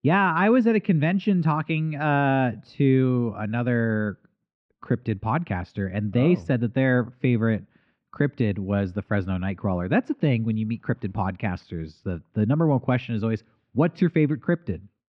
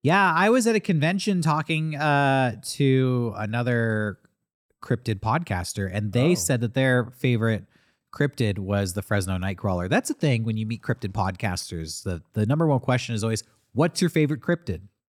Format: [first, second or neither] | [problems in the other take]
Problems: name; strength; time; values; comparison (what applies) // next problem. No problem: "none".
second | muffled; very; fading above 3 kHz